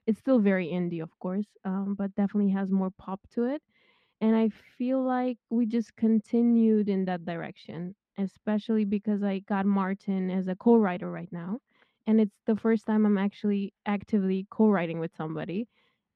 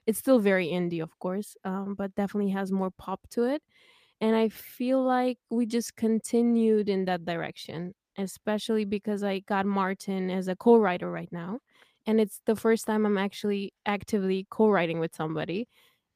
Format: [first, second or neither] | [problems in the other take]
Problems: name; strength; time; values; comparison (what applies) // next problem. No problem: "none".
second | muffled; slightly; fading above 3 kHz